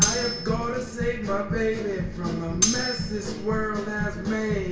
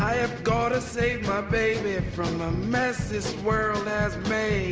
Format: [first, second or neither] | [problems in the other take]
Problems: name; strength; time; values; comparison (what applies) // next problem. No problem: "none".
second | background sound (Cutlery, silverware); 2 dB below the speech // room echo; dies away in 0.2 s